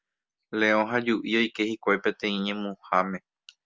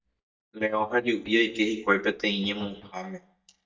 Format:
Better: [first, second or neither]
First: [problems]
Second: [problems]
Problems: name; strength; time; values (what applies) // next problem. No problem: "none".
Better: first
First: none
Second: noise reduction (neural mask model DeepFilterNet 3)